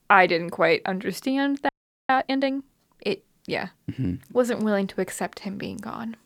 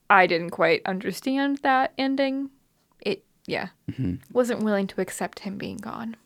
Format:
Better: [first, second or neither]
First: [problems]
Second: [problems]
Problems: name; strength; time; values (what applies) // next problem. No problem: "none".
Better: second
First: audio freezing; at 1.5 s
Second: none